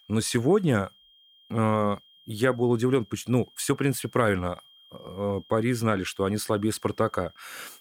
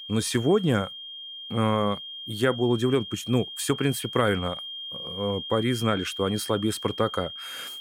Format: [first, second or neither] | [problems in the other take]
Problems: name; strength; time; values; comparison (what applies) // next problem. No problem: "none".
first | high-pitched whine; loud; throughout; 3 kHz, 9 dB below the speech; faint in the first